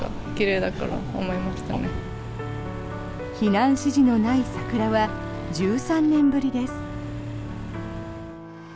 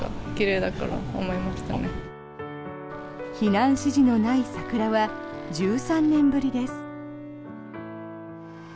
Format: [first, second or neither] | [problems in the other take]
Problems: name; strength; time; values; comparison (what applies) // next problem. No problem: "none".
second | background sound (Accelerating, revving, vroom / Car); 11 dB below the speech